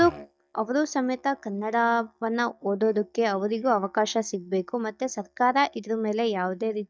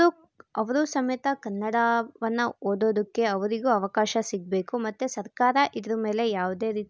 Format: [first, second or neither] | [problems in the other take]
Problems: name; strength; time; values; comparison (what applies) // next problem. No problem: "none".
second | noise reduction (neural mask model DeepFilterNet 3)